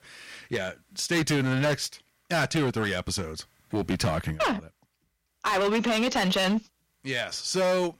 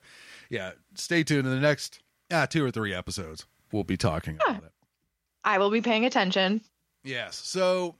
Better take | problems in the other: second | distortion; heavy; 13% of the sound clipped

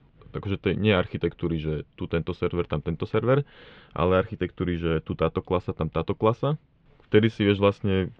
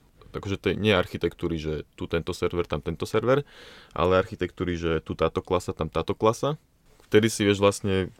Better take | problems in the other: second | muffled; very; fading above 3 kHz

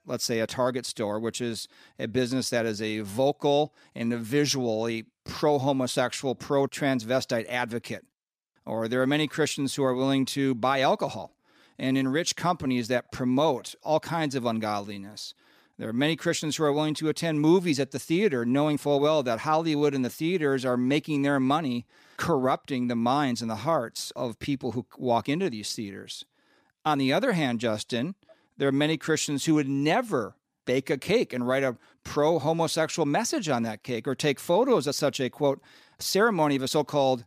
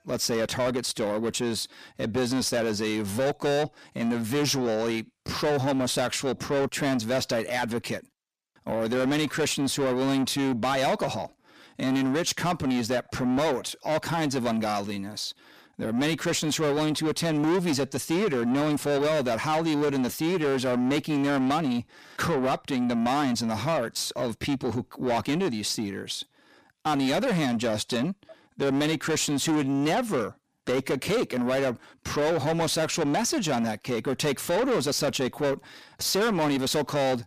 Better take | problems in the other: first | distortion; heavy; 8 dB below the speech

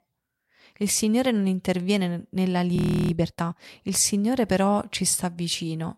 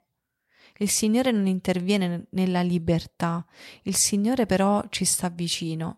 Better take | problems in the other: second | audio freezing; at 3 s

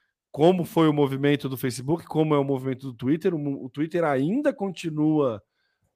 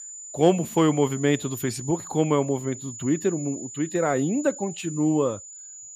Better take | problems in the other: first | high-pitched whine; noticeable; throughout; 7 kHz, 10 dB below the speech

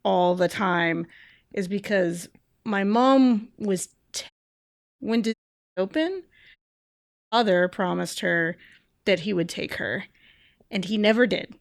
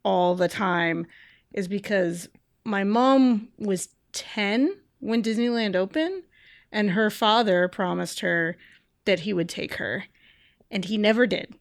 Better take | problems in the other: second | audio cutting out; at 4.5 s for 0.5 s, at 5.5 s and at 6.5 s for 1 s

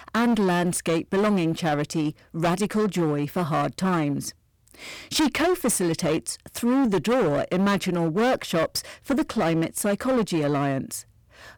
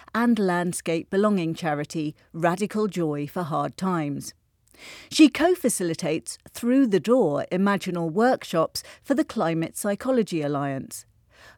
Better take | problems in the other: second | distortion; heavy; 18% of the sound clipped

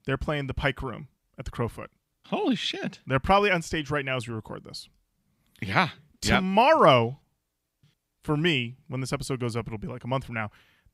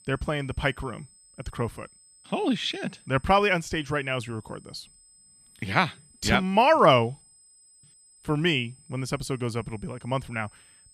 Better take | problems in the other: first | high-pitched whine; faint; throughout; 8 kHz, 30 dB below the speech

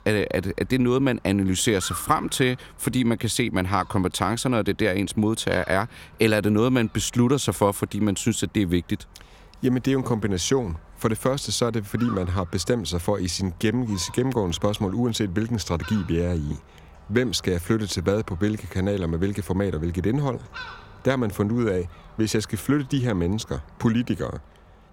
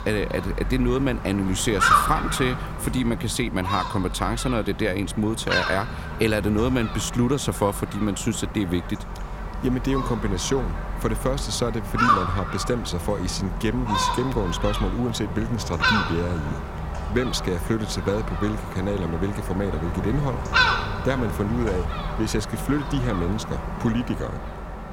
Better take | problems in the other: first | animal sounds; loud; throughout; 2 dB below the speech; faint in the first

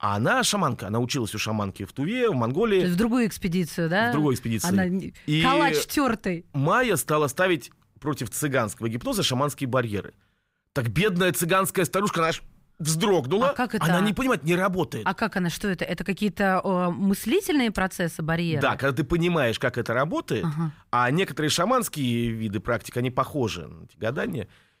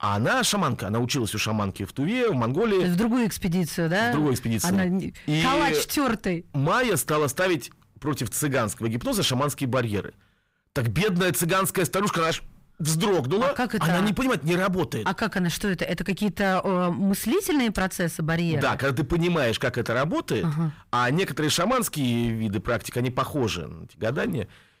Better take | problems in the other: first | distortion; slight; 10 dB below the speech

